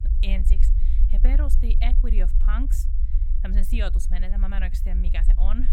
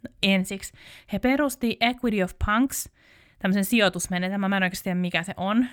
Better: second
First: low rumble; loud; throughout; 9 dB below the speech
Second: none

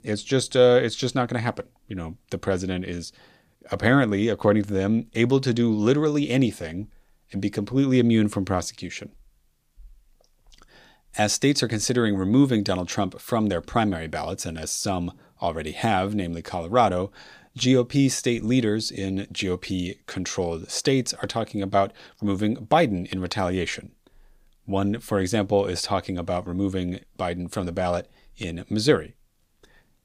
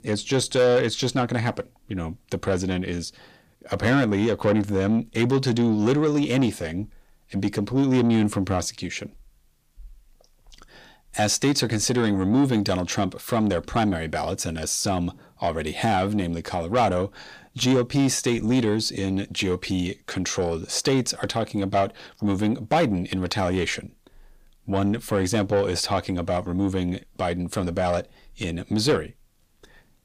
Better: first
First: none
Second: distortion; slight; 10 dB below the speech

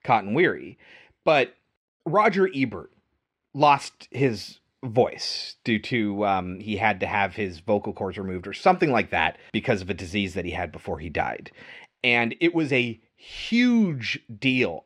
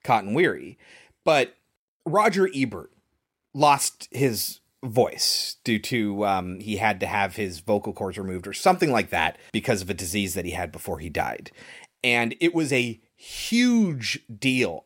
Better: second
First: muffled; very slightly; fading above 3 kHz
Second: none

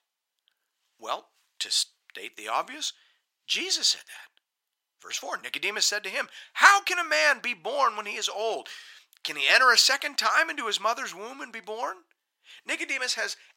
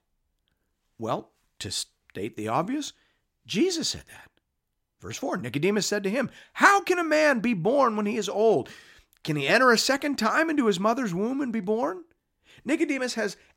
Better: second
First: thin; very; fading below 950 Hz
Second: none

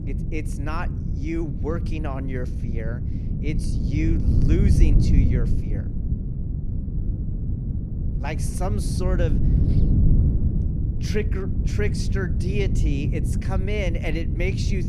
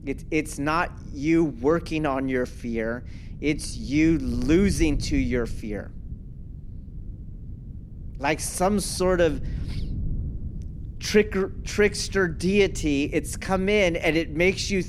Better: second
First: wind noise on the microphone; heavy; 4 dB below the speech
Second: wind noise on the microphone; occasional gusts; 25 dB below the speech

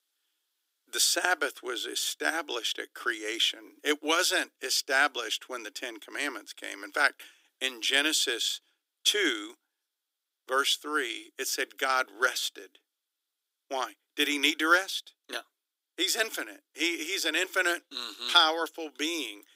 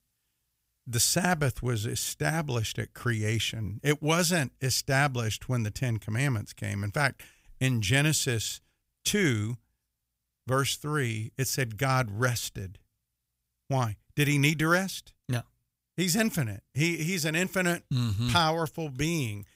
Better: second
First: thin; very; fading below 300 Hz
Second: none

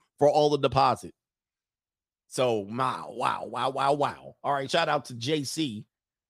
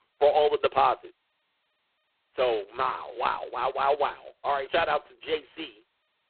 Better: first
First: none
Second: phone-call audio; poor line; nothing above 4 kHz

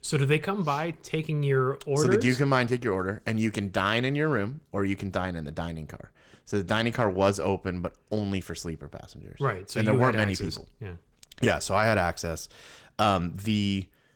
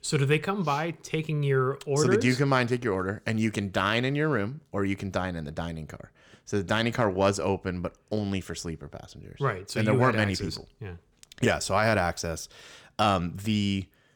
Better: second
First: garbled, watery; slightly; nothing above 19 kHz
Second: none

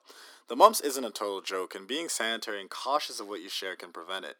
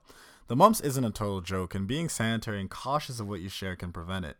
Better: second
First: thin; somewhat; fading below 300 Hz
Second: none

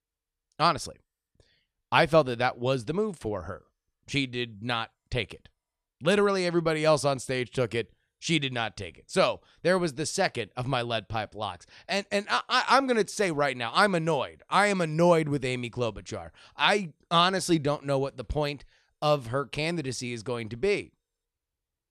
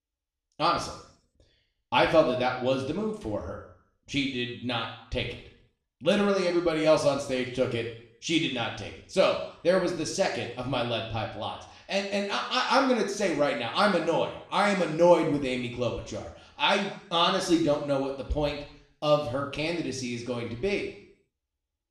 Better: first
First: none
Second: room echo; noticeable; dies away in 0.7 s // off-mic speech; somewhat distant

